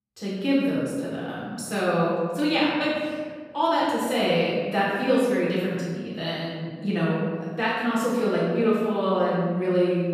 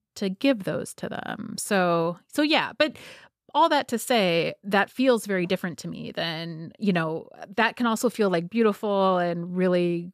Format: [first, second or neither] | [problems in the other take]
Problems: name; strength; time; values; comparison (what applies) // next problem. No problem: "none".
second | room echo; strong; dies away in 1.6 s // off-mic speech; far